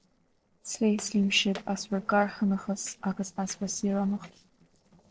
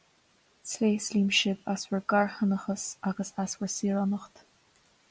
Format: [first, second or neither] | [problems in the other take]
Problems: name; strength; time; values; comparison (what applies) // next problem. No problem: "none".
second | noise reduction (neural separator model SepFormer DNS4)